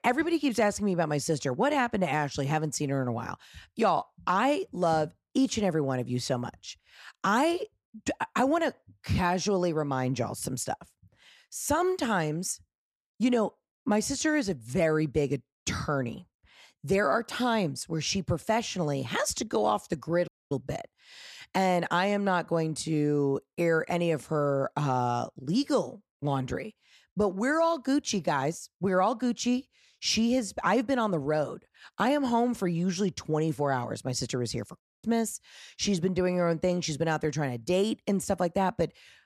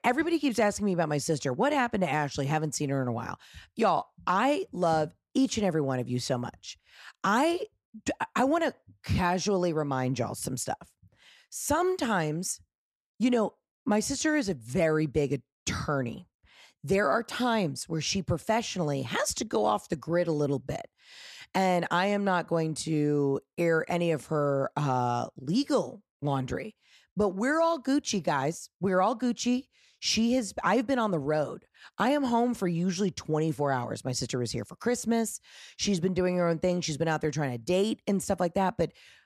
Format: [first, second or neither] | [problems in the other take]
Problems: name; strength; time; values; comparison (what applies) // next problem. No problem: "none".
second | audio cutting out; at 20 s and at 35 s